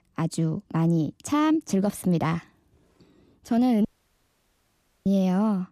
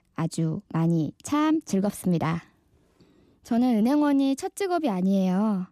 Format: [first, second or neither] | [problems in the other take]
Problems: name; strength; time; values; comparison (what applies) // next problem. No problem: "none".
second | audio cutting out; at 4 s for 1 s